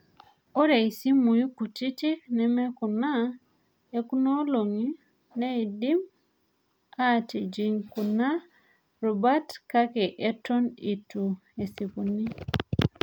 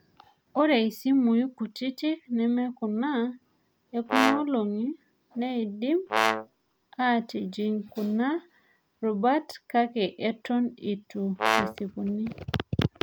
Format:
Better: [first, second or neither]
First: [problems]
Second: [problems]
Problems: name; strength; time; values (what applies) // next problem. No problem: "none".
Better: first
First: none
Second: background sound (Brass instrument); as loud as the speech